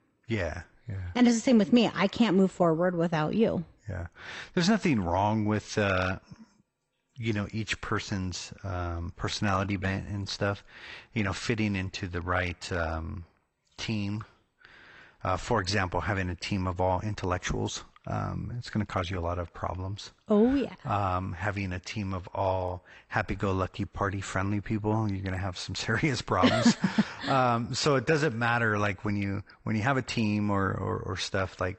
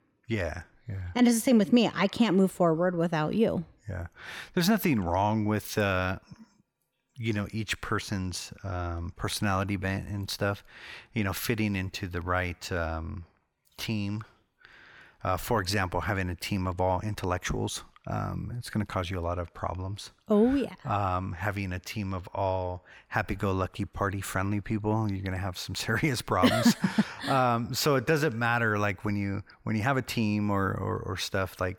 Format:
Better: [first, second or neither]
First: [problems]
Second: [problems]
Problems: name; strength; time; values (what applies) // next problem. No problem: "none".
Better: second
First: garbled, watery; slightly; nothing above 8 kHz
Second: none